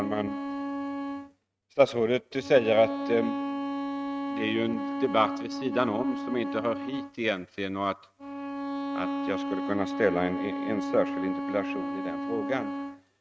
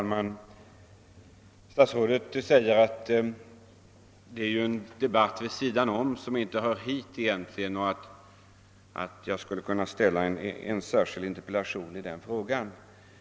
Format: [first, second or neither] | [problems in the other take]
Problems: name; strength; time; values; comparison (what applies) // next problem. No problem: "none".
second | noise reduction (neural mask model RNNoise)